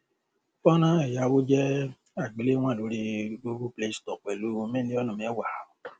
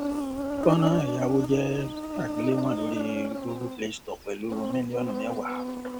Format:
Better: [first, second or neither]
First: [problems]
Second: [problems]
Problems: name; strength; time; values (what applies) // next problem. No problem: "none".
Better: first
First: none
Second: background sound (Insect); 3 dB below the speech